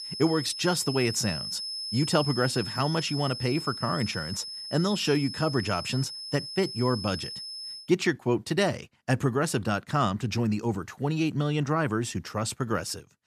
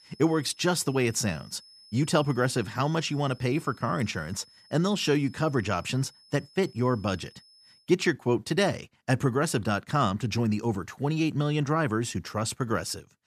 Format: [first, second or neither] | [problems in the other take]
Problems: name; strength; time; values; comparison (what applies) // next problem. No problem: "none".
second | high-pitched whine; loud; until 8 s; 5 kHz, 6 dB below the speech; faint in the second